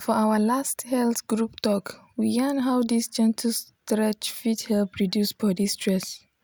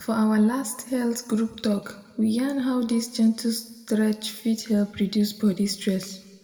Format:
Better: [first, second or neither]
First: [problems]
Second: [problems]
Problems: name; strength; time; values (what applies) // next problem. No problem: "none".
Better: first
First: none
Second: room echo; dies away in 1.2 s